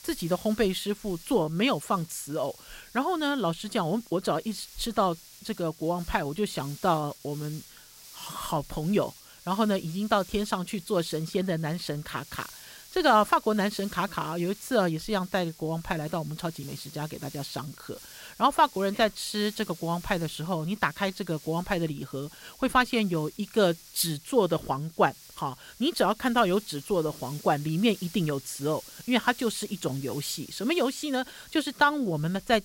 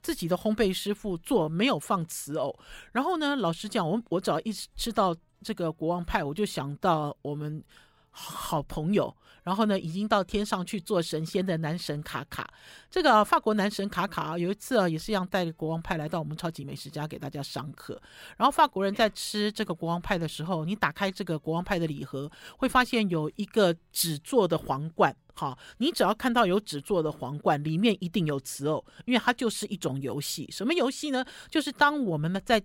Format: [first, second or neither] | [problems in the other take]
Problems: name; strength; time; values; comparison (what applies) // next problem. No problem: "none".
second | hiss; noticeable; throughout; 20 dB below the speech